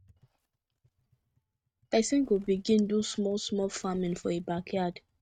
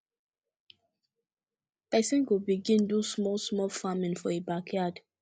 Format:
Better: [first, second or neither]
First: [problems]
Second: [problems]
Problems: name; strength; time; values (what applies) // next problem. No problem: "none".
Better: second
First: noise reduction (neural mask model RNNoise)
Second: none